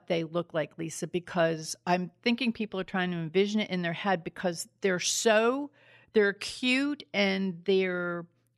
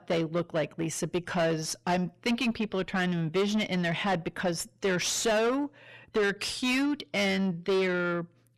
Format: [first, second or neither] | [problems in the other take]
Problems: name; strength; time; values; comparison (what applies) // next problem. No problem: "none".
first | distortion; heavy; 8 dB below the speech